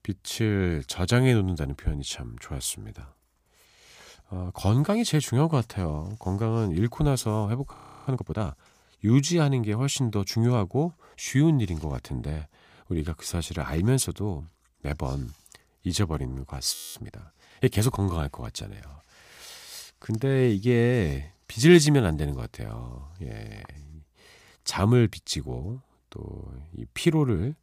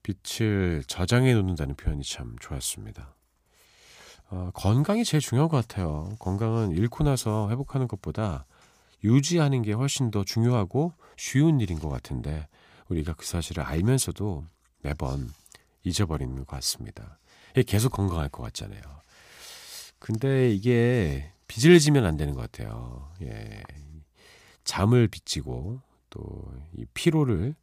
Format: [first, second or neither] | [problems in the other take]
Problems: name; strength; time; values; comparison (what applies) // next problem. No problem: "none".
second | audio freezing; at 7.5 s and at 17 s